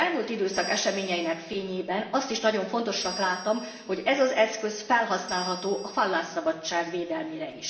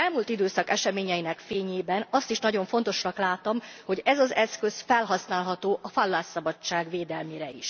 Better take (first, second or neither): second